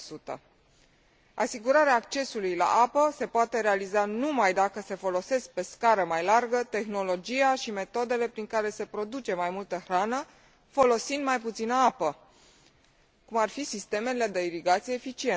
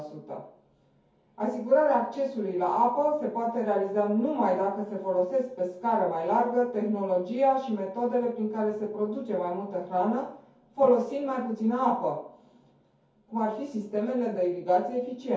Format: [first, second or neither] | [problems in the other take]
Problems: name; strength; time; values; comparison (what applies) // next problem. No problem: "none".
first | room echo; dies away in 0.6 s